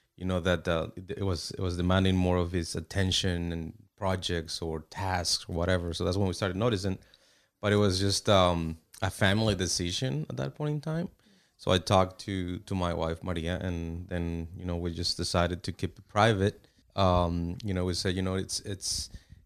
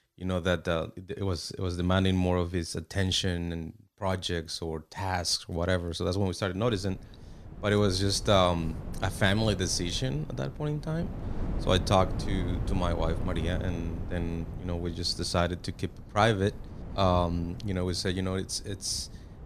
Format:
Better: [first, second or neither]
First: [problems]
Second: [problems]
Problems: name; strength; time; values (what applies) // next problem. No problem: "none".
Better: first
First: none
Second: wind noise on the microphone; occasional gusts; from 6.5 s on; 15 dB below the speech